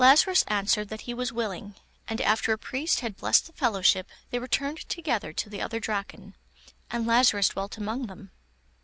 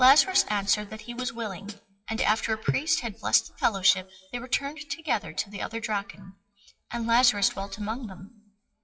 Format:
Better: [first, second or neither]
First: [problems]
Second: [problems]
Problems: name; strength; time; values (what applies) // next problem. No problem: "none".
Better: first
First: none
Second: noise reduction (classical method WPE with log-MMSE)